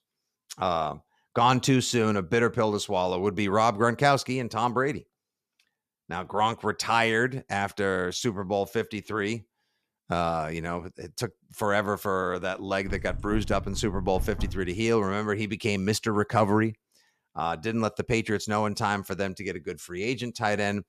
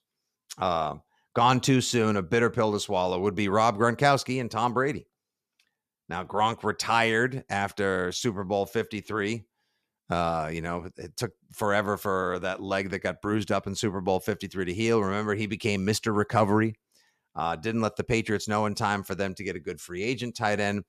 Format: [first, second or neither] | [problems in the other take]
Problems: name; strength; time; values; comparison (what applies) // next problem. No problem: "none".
second | door banging; noticeable; from 13 to 15 s; peak 8 dB below the speech